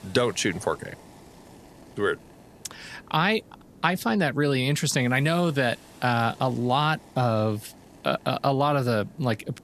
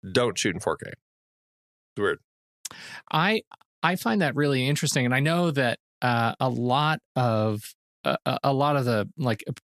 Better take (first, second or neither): second